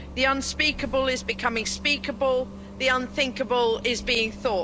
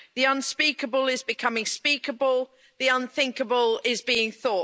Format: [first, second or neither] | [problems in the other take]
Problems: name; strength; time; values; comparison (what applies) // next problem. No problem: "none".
second | background sound (Bus); 13 dB below the speech